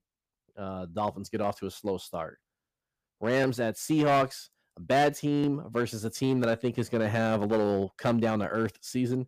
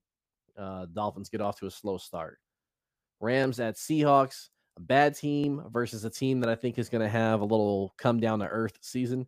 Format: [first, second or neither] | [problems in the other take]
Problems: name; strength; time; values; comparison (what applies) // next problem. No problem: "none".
second | distortion; slight; 4% of the sound clipped